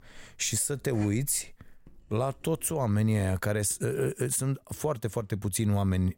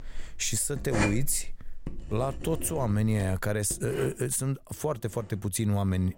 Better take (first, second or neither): first